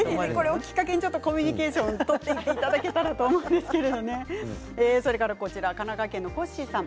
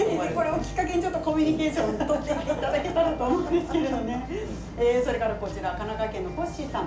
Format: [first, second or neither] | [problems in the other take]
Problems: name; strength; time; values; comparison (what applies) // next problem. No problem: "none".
first | background sound (Boat, Water vehicle); 12 dB below the speech // room echo; dies away in 0.4 s